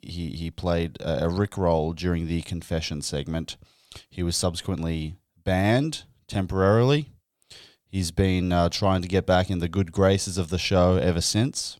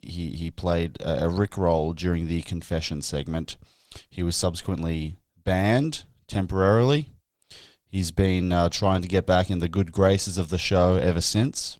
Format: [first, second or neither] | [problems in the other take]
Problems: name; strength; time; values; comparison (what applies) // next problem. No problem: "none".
first | garbled, watery; slightly; nothing above 17.5 kHz